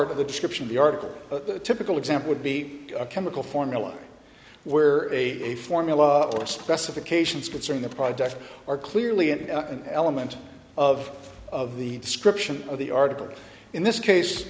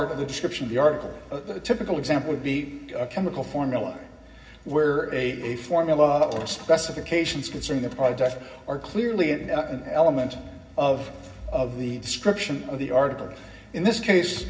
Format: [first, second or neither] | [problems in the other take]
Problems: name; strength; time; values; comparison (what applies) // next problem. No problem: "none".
first | room echo; dies away in 0.4 s